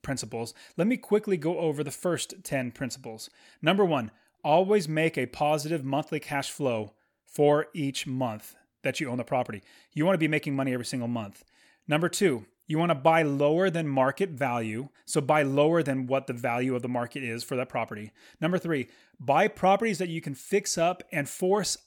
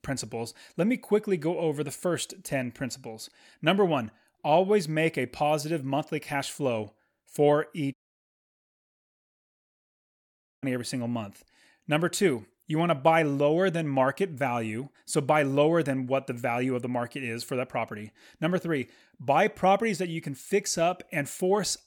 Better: first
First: none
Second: audio cutting out; at 8 s for 2.5 s

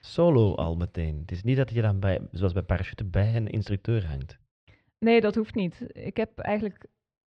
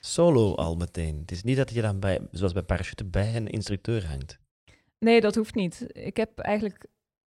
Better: second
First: muffled; slightly; fading above 3.5 kHz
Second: none

